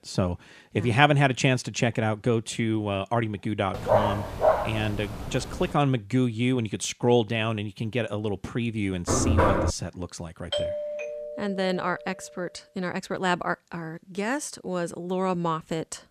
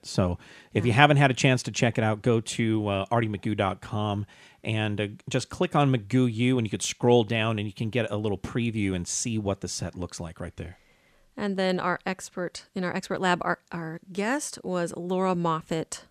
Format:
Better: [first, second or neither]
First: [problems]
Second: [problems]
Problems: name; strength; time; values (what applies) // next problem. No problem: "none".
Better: second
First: dog barking; loud; from 3.5 to 5.5 s; peak 4 dB above the speech // door banging; loud; at 9 s; peak 5 dB above the speech // doorbell; noticeable; from 11 to 12 s; peak 2 dB below the speech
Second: none